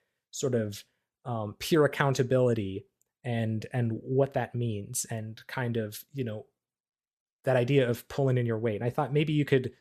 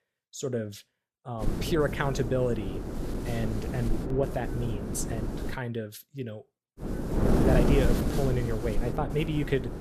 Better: first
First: none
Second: wind noise on the microphone; heavy; from 1.5 to 5.5 s and from 7 s on; 3 dB below the speech

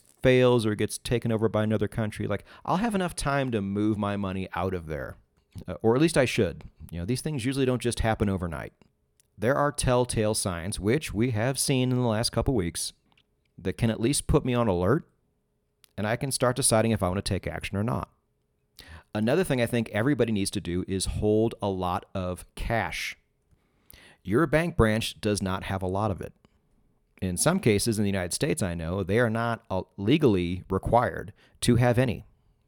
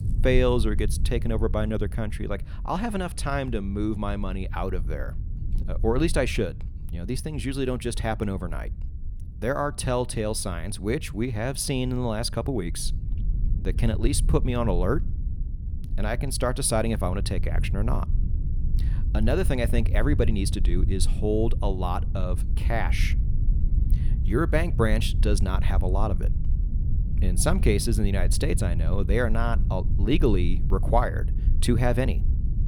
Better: first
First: none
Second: low rumble; noticeable; throughout; 15 dB below the speech

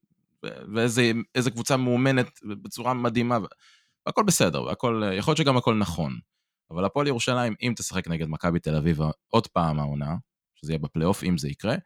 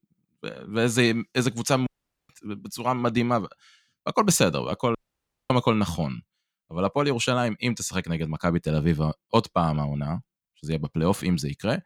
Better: first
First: none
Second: audio cutting out; at 2 s and at 5 s for 0.5 s

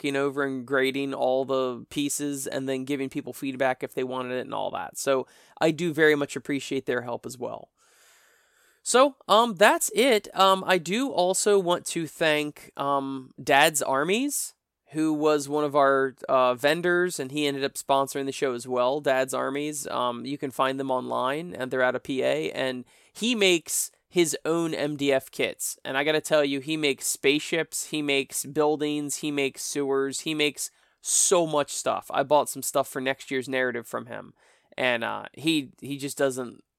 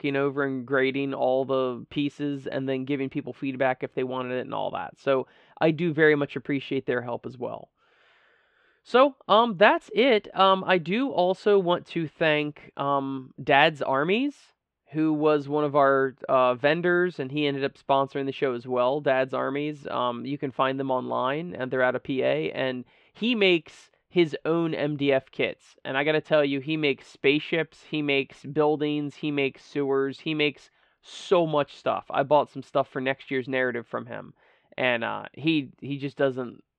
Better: first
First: none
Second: muffled; very; fading above 3 kHz

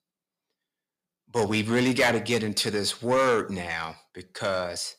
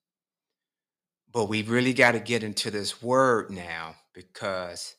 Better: second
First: distortion; heavy; 7 dB below the speech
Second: none

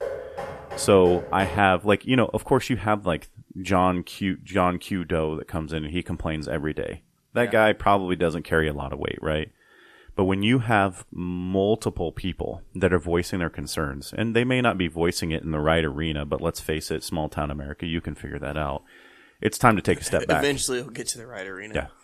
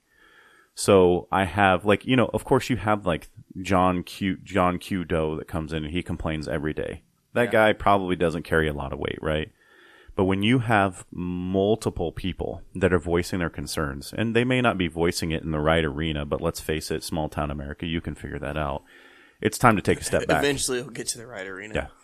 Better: second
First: door banging; noticeable; until 1.5 s; peak 8 dB below the speech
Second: none

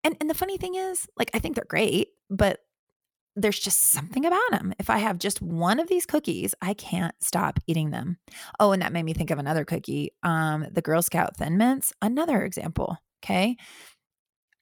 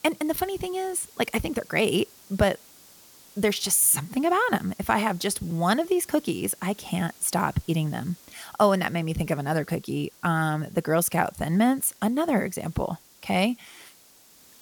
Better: first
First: none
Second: hiss; faint; throughout; 25 dB below the speech

